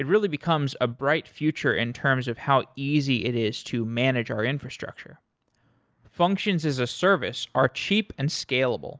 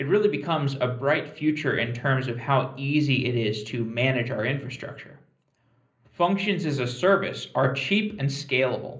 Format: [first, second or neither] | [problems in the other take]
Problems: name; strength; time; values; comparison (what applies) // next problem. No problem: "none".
first | room echo; dies away in 0.5 s